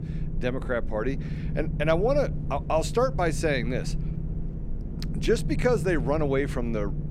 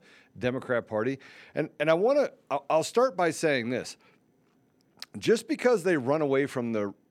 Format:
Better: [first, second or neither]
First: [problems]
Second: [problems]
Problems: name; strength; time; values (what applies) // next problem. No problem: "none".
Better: second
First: low rumble; noticeable; throughout; 15 dB below the speech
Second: none